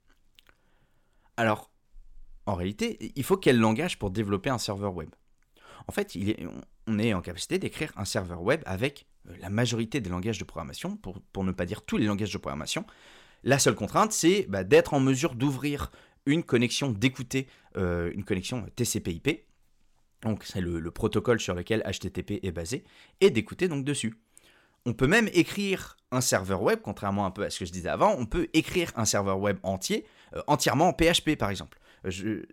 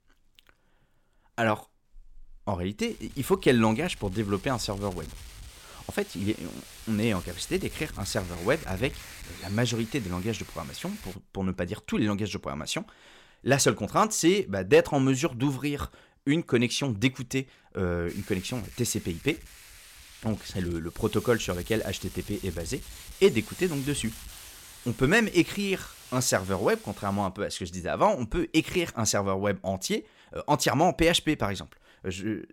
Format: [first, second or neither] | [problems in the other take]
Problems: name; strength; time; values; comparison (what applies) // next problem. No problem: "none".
first | wind noise on the microphone; occasional gusts; from 3 to 11 s and from 18 to 27 s; 15 dB below the speech